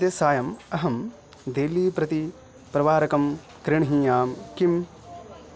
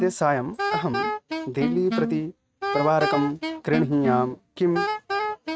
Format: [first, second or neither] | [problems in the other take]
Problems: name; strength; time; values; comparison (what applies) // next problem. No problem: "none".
first | noise reduction (neural mask model RNNoise)